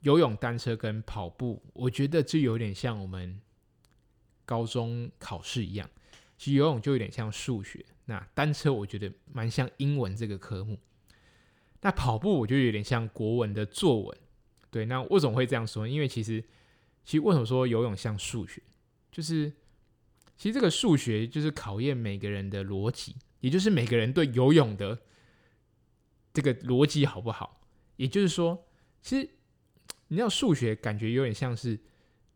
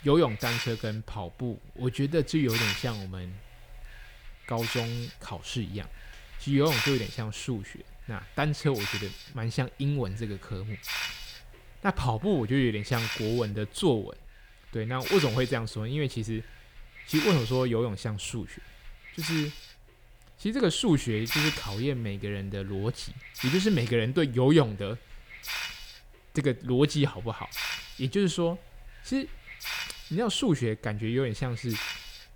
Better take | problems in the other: first | hiss; loud; throughout; 5 dB below the speech

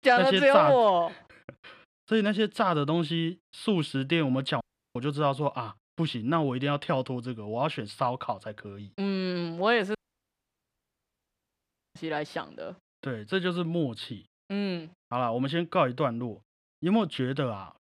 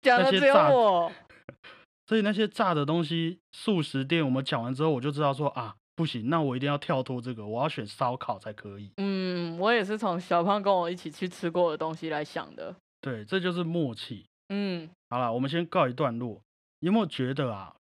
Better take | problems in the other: second | audio cutting out; at 4.5 s and at 10 s for 2 s

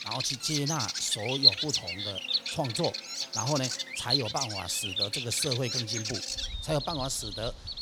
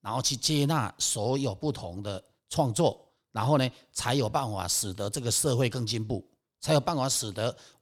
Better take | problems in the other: second | animal sounds; very loud; throughout; 4 dB above the speech

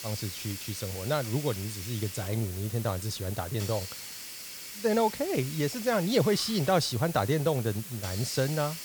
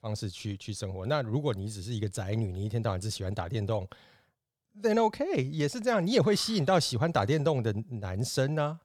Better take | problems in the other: second | hiss; loud; throughout; 9 dB below the speech

